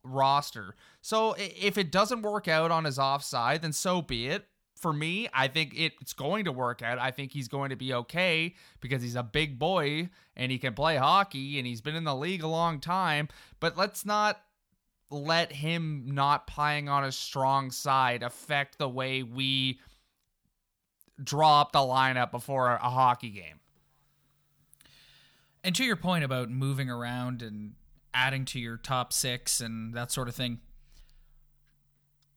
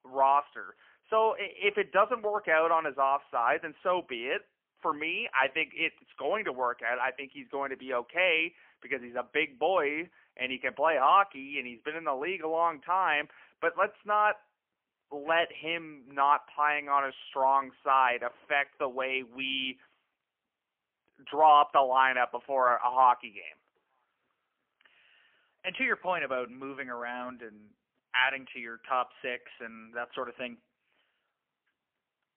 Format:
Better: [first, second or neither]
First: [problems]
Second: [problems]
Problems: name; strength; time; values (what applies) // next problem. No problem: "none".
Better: first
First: none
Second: phone-call audio; poor line; nothing above 3 kHz